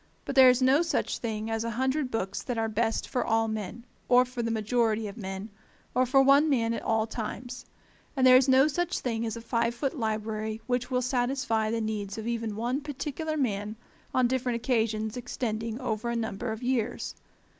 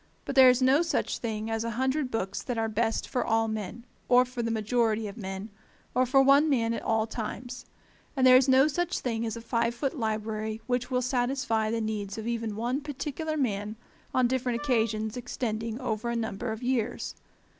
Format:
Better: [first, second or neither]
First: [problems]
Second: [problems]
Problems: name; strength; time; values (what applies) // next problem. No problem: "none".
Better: first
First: none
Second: background sound (Wind instrument, woodwind instrument); 15 dB below the speech